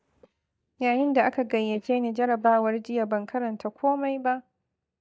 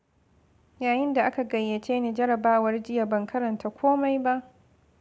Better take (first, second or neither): second